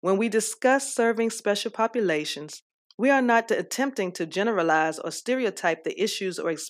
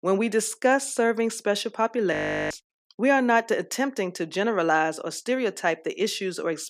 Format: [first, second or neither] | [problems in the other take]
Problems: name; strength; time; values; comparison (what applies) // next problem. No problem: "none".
first | audio freezing; at 2 s